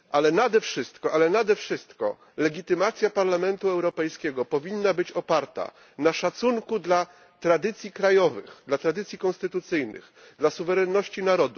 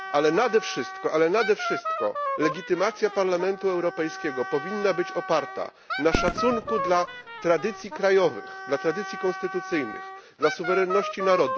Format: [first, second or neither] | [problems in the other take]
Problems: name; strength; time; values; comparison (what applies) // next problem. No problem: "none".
first | background sound (Fireworks + Wind instrument, woodwind instrument); 7 dB below the speech